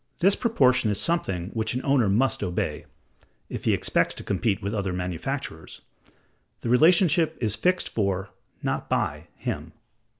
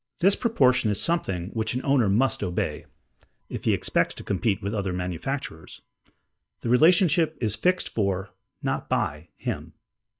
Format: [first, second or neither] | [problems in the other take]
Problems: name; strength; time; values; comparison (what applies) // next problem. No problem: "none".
first | noise reduction (neural mask model DeepFilterNet 3)